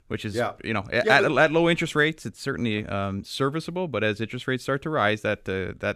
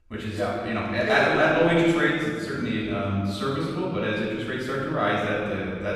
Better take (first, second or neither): first